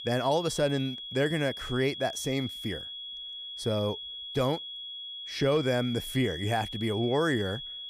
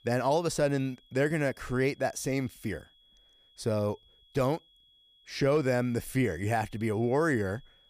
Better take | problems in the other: second | high-pitched whine; loud; throughout; 3.5 kHz, 8 dB below the speech; faint in the second

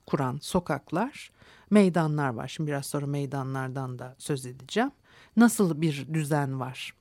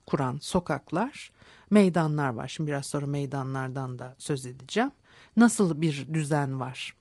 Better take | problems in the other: first | garbled, watery; slightly; nothing above 10.5 kHz

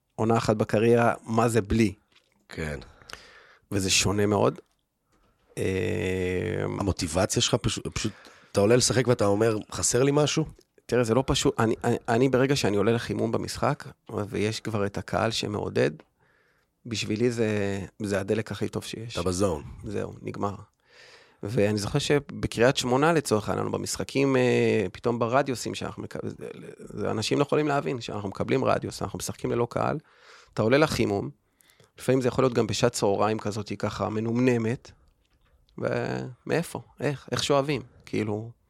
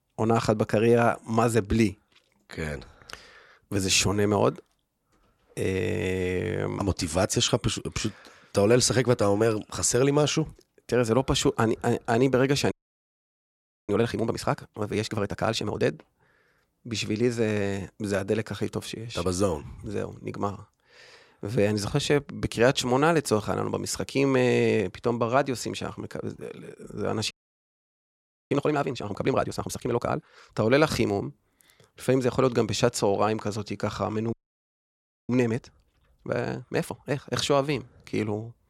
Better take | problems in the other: first | audio freezing; at 13 s for 1 s, at 27 s for 1 s and at 34 s for 1 s

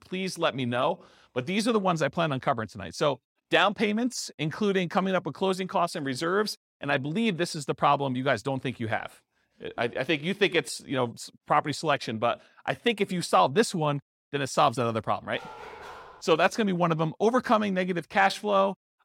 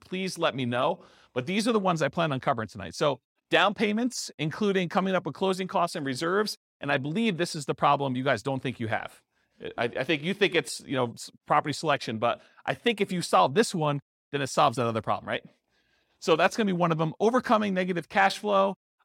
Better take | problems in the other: second | dog barking; faint; at 15 s; peak 15 dB below the speech

